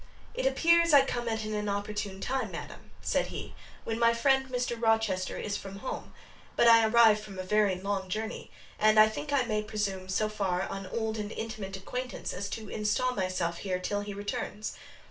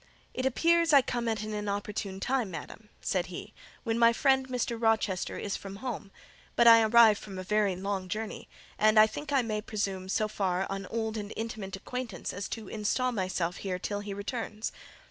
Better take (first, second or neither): second